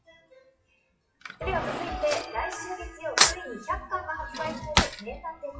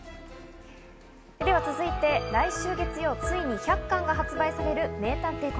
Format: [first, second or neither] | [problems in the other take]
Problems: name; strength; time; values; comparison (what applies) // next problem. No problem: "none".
second | noise reduction (classical method WPE with log-MMSE)